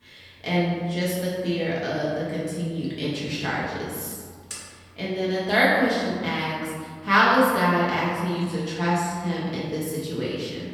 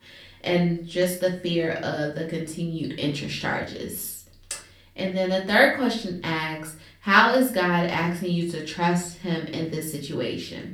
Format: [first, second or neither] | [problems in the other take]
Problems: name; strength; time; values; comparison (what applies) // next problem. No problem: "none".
second | room echo; strong; dies away in 1.6 s; slight in the second // off-mic speech; far; far in the second